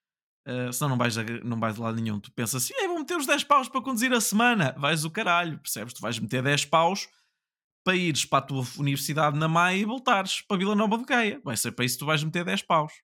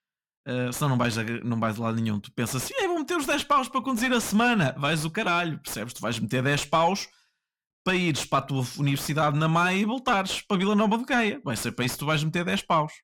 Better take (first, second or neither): first